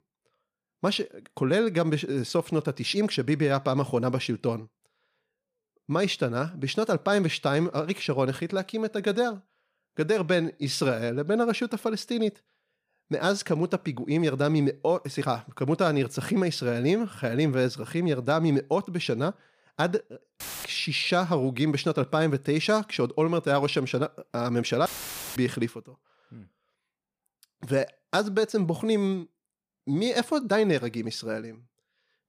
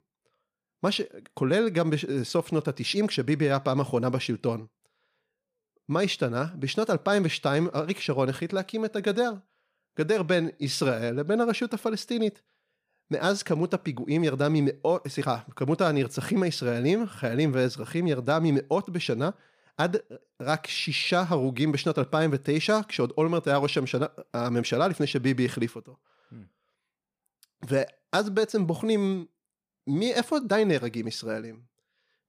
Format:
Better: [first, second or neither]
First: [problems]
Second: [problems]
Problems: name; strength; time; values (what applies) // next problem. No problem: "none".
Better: second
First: audio cutting out; filled with static; at 20 s and at 25 s for 0.5 s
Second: none